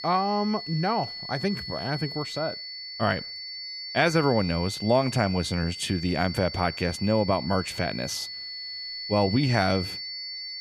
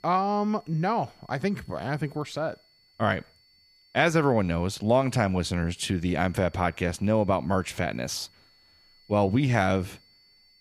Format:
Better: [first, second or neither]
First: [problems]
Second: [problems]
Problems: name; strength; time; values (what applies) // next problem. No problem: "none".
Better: second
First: high-pitched whine; loud; throughout; 4.5 kHz, 8 dB below the speech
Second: high-pitched whine; faint; throughout; 4.5 kHz, 30 dB below the speech